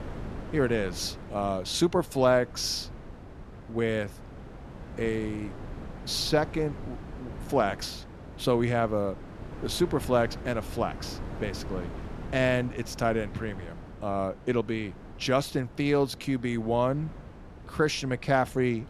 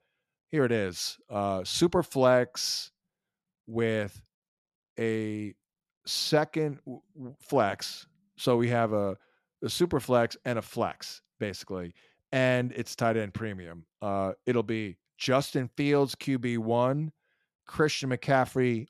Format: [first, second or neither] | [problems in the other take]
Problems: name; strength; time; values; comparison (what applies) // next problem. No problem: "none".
second | wind noise on the microphone; occasional gusts; 20 dB below the speech